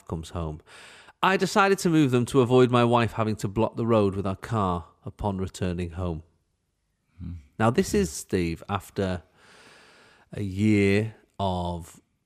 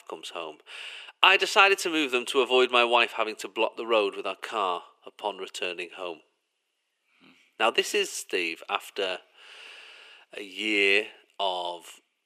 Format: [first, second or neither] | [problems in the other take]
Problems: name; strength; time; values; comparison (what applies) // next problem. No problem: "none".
first | thin; very; fading below 400 Hz